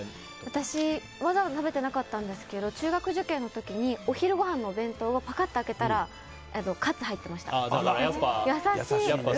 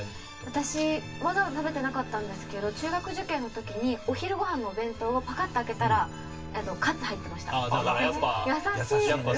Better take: first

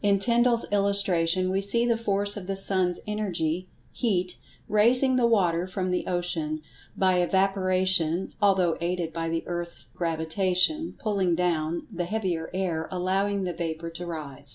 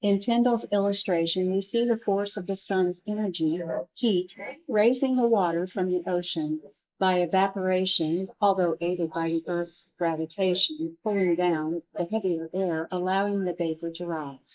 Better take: first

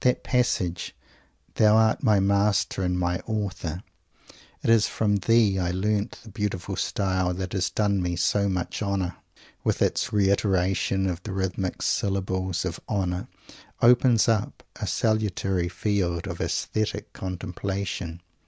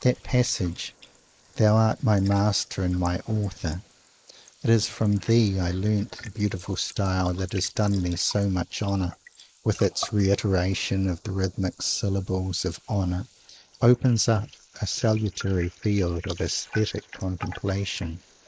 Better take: first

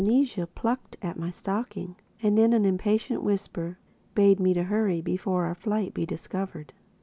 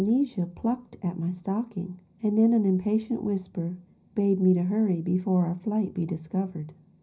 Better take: first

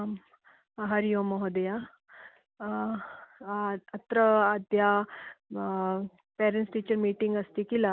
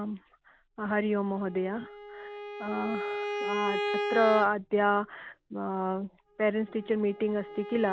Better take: first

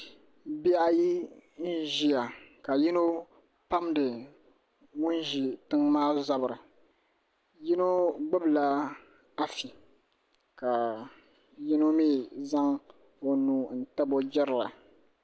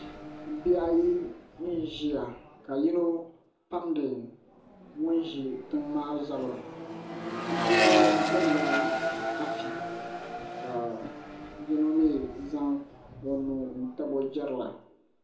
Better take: first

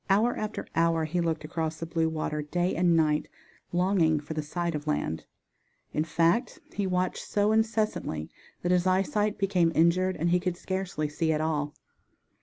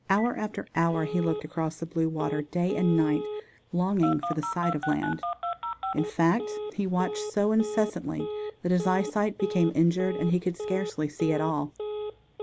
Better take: first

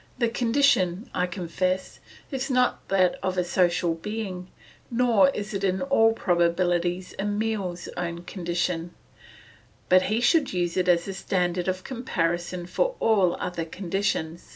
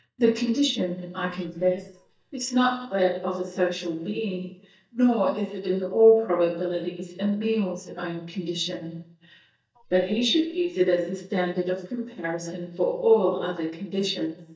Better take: first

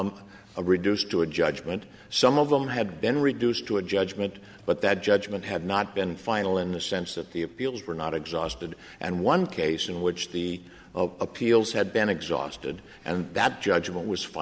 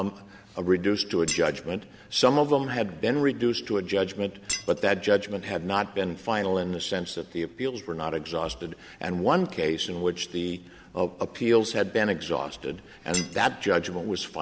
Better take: first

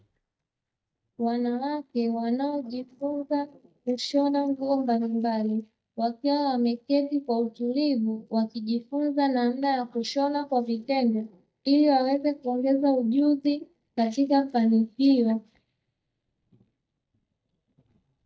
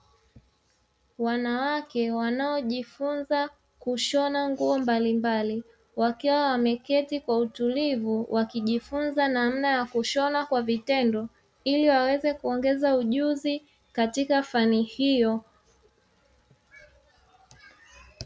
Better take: second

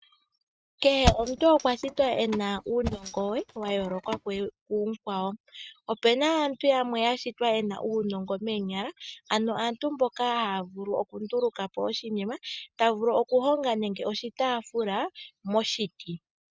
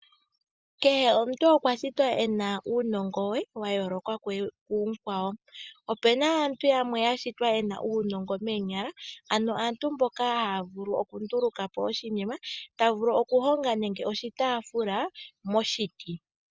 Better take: second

